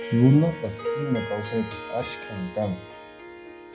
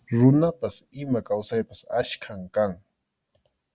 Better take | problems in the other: second | background sound (Harp); 10 dB below the speech // room echo; dies away in 0.4 s

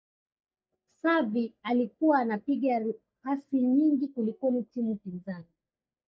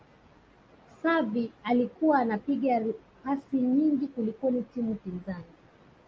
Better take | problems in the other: second | noise reduction (neural mask model DeepFilterNet 3)

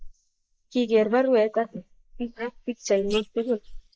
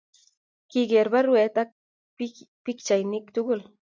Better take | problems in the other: second | noise reduction (neural mask model Resemble Enhance denoiser)

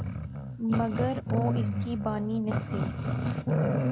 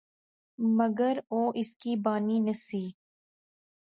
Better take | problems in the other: second | background sound (Growling); 4 dB above the speech

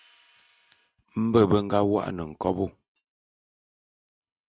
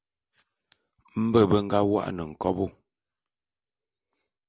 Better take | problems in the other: second | noise reduction (neural mask model RNNoise)

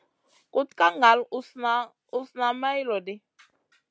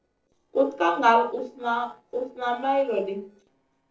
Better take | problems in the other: first | noise reduction (neural separator model SepFormer DNS4)

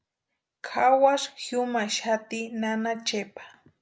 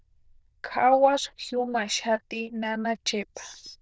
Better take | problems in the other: first | noise reduction (neural diffusion model UNIVERSE++)

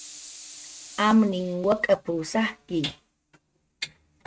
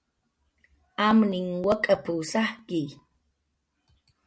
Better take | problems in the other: second | noise reduction (neural mask model RNNoise)

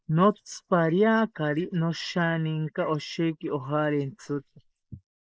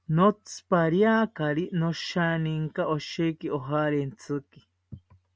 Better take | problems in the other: second | noise reduction (neural mask model Resemble Enhance denoiser)

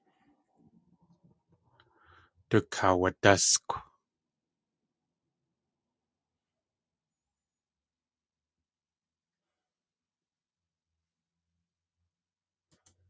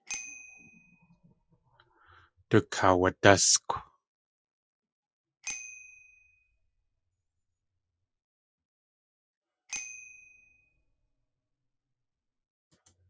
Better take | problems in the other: first | noise reduction (classical method log-MMSE)

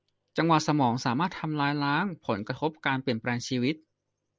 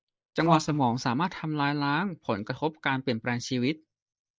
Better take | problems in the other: first | noise reduction (neural mask model DeepFilterNet 3)

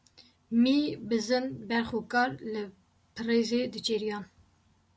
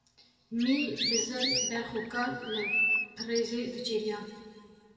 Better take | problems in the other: first | background sound (Chirp, tweet); 1 dB above the speech // room echo; dies away in 2 s

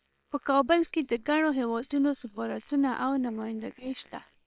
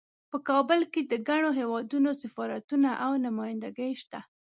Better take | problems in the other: second | noise reduction (neural separator model SepFormer WHAM!)

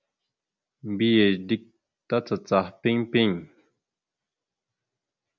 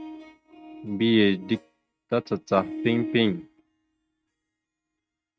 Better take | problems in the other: first | noise reduction (neural mask model RNNoise)

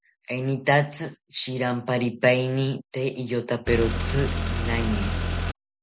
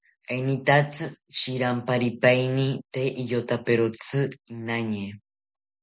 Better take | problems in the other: second | background sound (Car); as loud as the speech

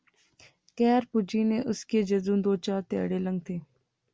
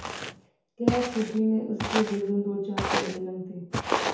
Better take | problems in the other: first | background sound (Walk, footsteps); 2 dB below the speech // room echo; dies away in 0.7 s

